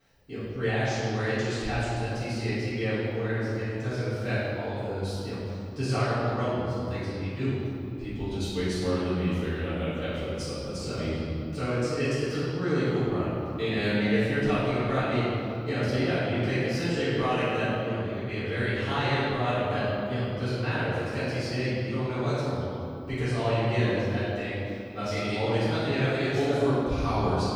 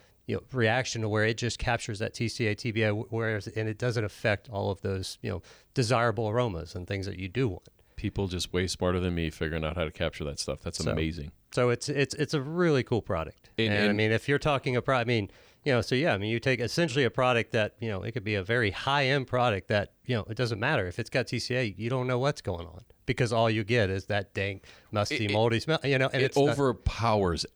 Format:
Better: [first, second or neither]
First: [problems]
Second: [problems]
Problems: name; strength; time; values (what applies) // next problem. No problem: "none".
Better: second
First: off-mic speech; far // room echo; strong; dies away in 2.5 s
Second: none